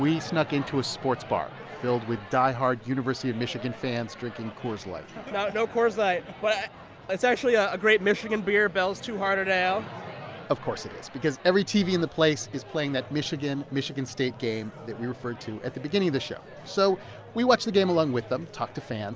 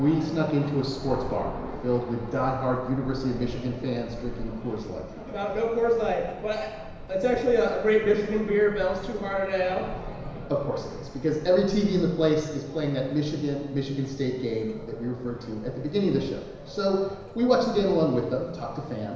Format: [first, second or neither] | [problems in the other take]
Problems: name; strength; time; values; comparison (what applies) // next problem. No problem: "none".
first | background sound (Thunder); 15 dB below the speech // room echo; dies away in 1 s